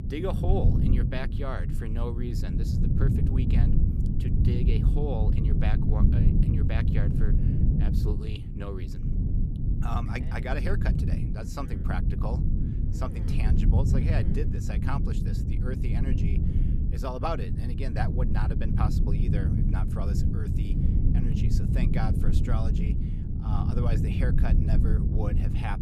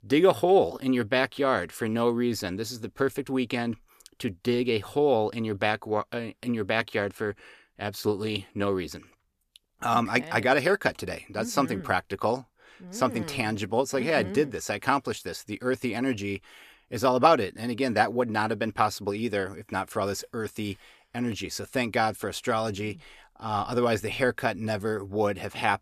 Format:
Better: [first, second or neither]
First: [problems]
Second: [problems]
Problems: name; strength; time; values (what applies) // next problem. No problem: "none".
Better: second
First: low rumble; loud; throughout; 1 dB below the speech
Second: none